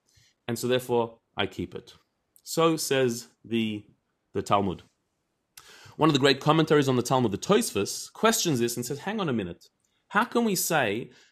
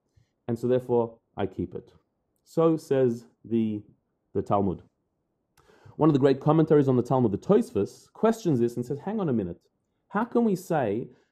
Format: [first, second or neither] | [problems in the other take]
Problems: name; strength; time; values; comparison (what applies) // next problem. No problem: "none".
first | muffled; very; fading above 1.5 kHz